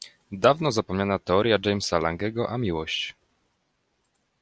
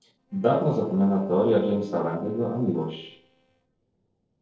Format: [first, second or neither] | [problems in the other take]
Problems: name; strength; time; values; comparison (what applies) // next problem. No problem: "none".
first | noise reduction (neural separator model SepFormer DNS4)